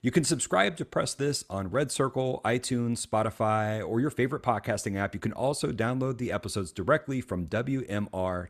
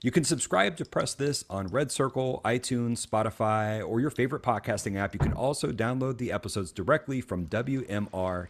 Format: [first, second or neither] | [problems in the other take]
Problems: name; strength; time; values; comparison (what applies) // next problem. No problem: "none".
first | rain or running water; loud; throughout; 7 dB below the speech